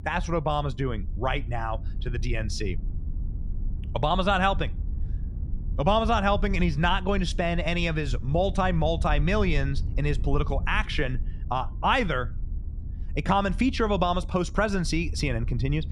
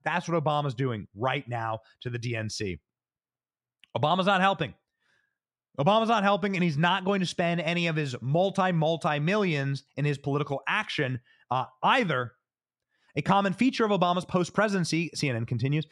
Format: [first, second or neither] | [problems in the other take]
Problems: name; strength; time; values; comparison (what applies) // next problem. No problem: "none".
second | low rumble; faint; throughout; 25 dB below the speech